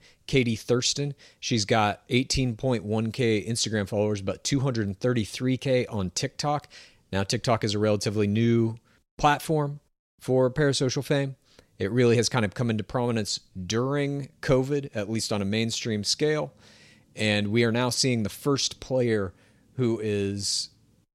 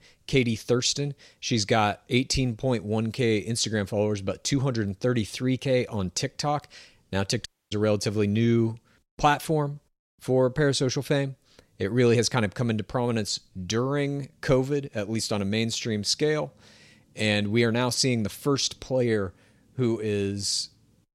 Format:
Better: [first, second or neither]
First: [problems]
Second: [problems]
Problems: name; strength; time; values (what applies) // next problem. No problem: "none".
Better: first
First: none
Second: audio cutting out; at 7.5 s